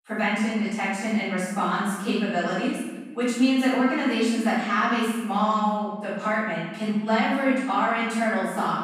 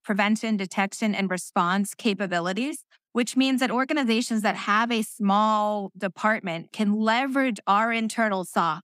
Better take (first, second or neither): second